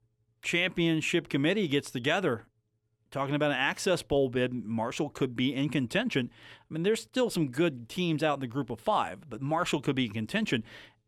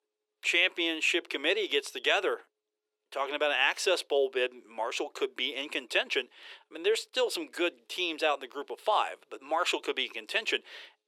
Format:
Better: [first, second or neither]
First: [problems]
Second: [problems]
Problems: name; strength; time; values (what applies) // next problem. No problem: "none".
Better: first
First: none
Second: thin; very; fading below 400 Hz